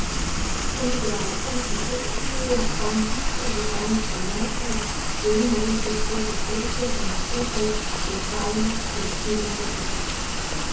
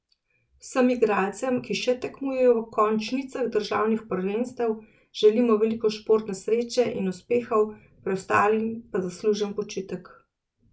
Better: second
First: background sound (Rain); 4 dB above the speech // room echo; dies away in 0.6 s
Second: none

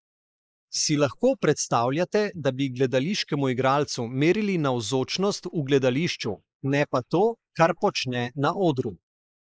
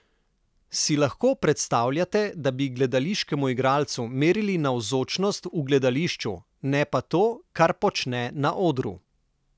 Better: second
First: noise reduction (neural mask model Resemble Enhance denoiser)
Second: none

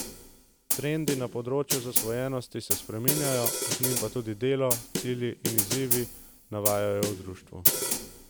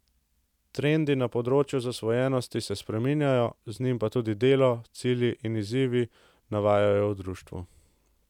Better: second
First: background sound (Snare drum); as loud as the speech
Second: none

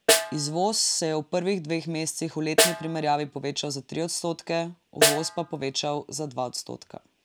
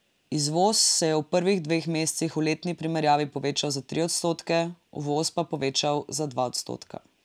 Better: second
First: background sound (Snare drum); as loud as the speech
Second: none

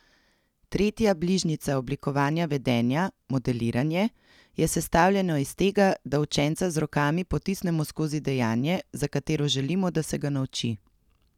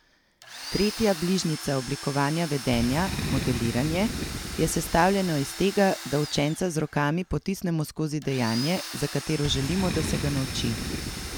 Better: first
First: none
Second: background sound (Domestic sounds, home sounds + Boom); 8 dB below the speech

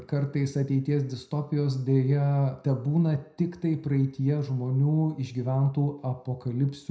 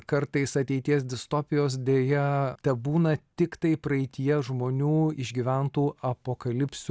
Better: second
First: room echo; dies away in 0.5 s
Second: none

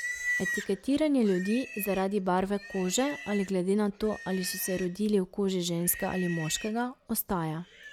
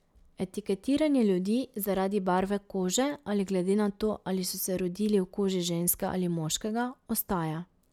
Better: second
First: background sound (Livestock, farm animals, working animals); 11 dB below the speech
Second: none

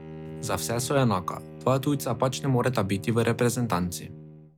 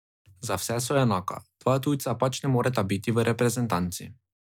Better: second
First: background sound (Bowed string instrument); 14 dB below the speech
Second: none

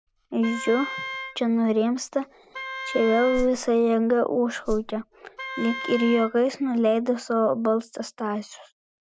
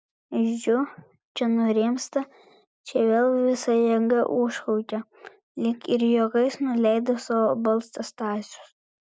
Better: second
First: background sound (Whoosh, swoosh, swish + Wind instrument, woodwind instrument); 11 dB below the speech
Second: none

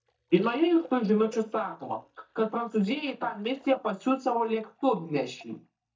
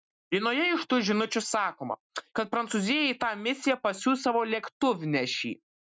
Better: second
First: noise reduction (neural mask model DeepFilterNet 3)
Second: none

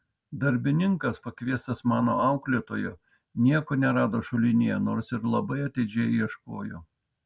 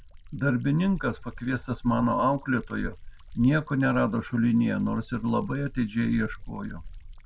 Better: first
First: none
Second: background sound (Liquid); 15 dB below the speech

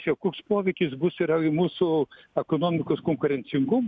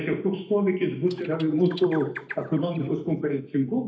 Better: first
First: none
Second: noise reduction (neural mask model DeepFilterNet 3)

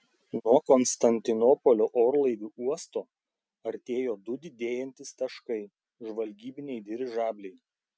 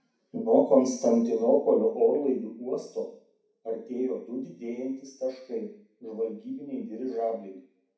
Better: first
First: none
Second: room echo; dies away in 0.6 s

